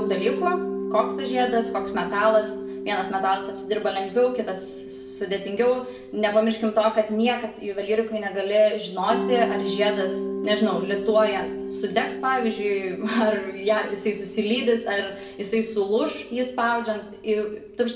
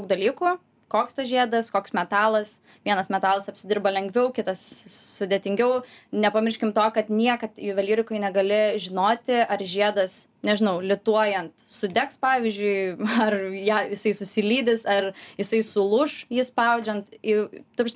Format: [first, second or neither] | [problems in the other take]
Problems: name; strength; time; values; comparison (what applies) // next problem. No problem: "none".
second | background sound (Mallet percussion); 8 dB below the speech // room echo; dies away in 0.7 s